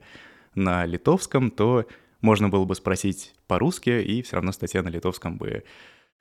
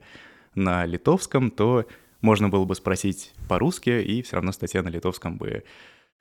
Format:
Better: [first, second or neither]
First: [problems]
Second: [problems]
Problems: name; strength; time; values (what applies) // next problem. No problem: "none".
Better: first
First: none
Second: hiss; faint; from 1.5 to 4.5 s; 25 dB below the speech